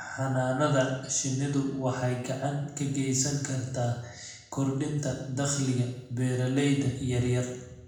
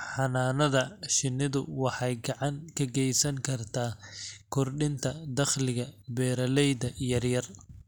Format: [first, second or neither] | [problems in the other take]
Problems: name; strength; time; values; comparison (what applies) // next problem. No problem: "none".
second | room echo; dies away in 0.8 s